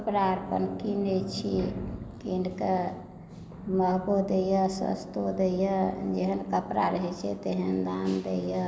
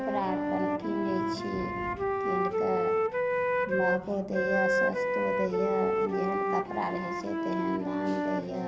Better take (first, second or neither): first